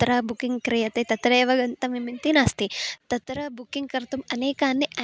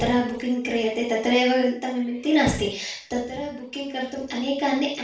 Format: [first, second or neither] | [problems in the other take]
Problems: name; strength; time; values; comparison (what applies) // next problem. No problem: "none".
first | room echo; dies away in 0.4 s